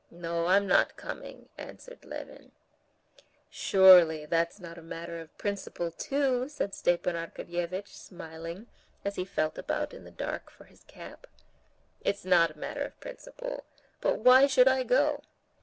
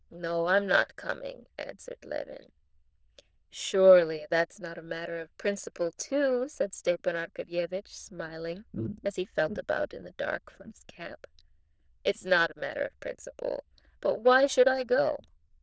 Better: first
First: none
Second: noise reduction (neural diffusion model UNIVERSE++)

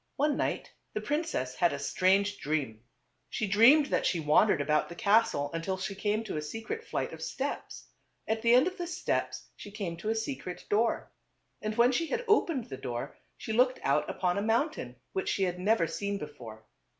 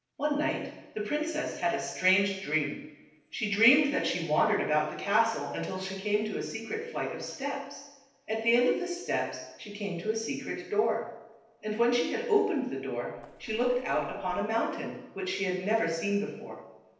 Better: first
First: none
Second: noise reduction (neural separator model SepFormer DNS4)

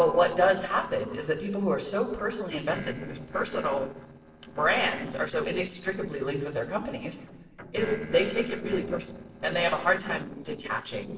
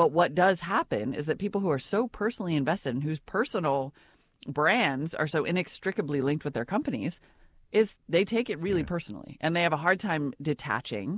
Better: second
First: noise reduction (neural separator model SepFormer DNS4)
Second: none

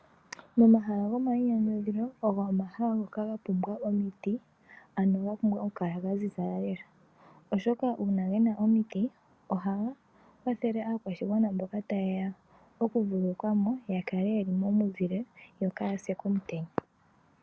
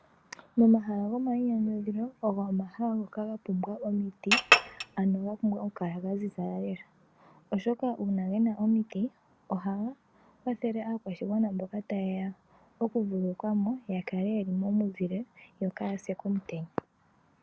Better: first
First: none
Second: background sound (Chink, clink); 4 dB above the speech

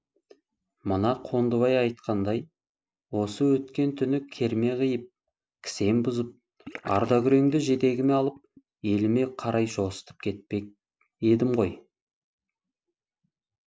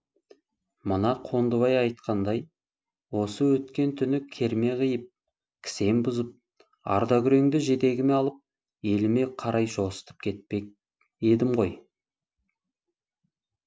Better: second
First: noise reduction (neural mask model Resemble Enhance denoiser)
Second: none

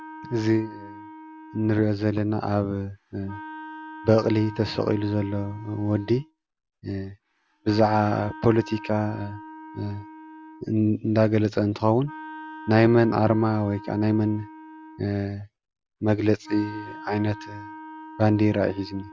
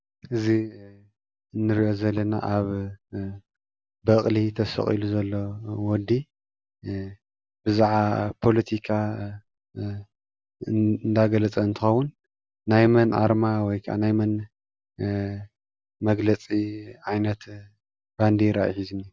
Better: second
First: background sound (Wind instrument, woodwind instrument); 17 dB below the speech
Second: none

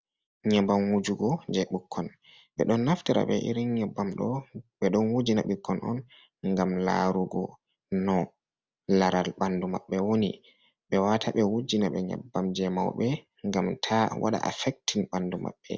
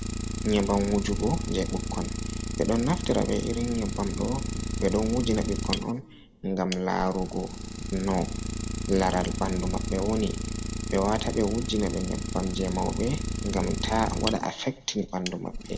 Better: first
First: none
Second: background sound (Idling); 3 dB below the speech // room echo; dies away in 0.8 s

